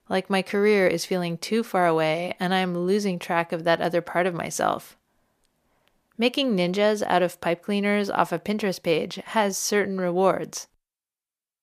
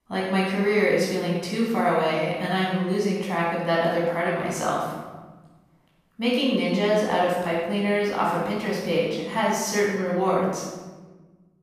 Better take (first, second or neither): first